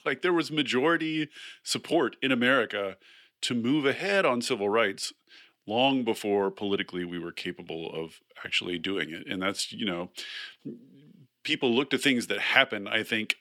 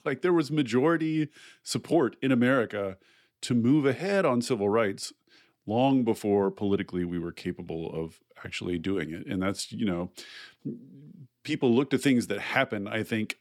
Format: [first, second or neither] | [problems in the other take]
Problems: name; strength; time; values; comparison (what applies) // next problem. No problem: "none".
second | thin; very slightly; fading below 750 Hz